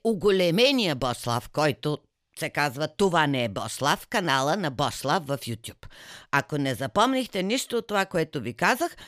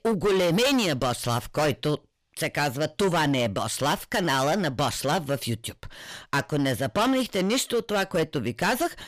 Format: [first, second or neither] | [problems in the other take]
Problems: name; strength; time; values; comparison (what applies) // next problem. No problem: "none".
first | distortion; heavy; 14% of the sound clipped